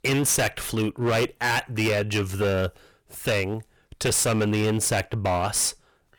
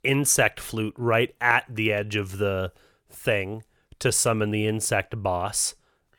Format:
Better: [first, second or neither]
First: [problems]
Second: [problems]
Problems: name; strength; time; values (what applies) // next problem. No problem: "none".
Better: second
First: distortion; heavy; 18% of the sound clipped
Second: none